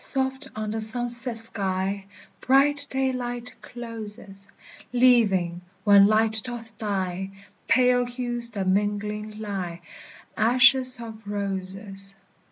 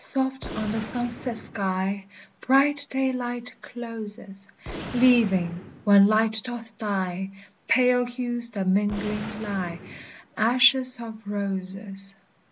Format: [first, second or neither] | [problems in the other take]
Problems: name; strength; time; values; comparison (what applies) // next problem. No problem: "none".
first | background sound (Gunshot, gunfire); 16 dB below the speech